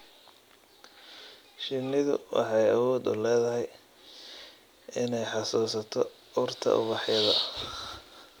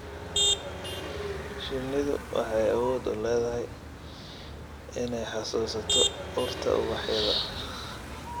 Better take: first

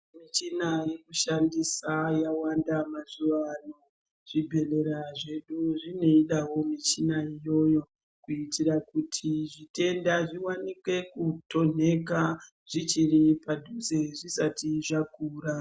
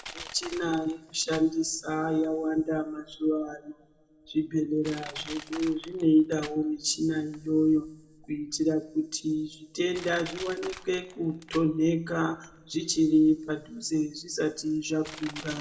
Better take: first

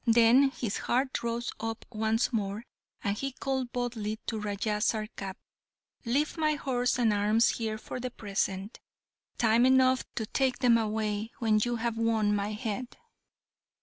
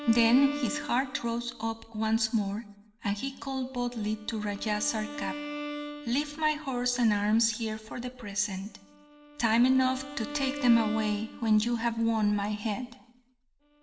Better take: first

